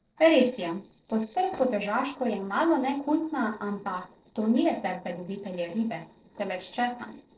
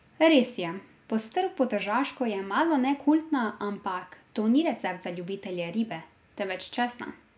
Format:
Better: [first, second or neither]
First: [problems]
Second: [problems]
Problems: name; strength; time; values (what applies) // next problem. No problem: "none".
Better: second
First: noise reduction (neural separator model SepFormer DNS4)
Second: none